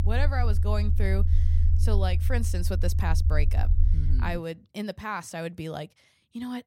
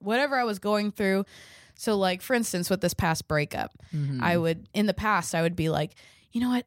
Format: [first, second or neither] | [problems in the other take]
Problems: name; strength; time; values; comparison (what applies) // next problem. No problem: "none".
second | low rumble; loud; until 4.5 s; 10 dB below the speech